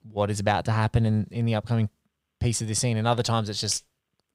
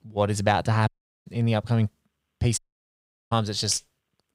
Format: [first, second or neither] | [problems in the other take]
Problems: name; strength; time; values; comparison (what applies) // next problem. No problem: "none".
first | audio cutting out; at 1 s and at 2.5 s for 0.5 s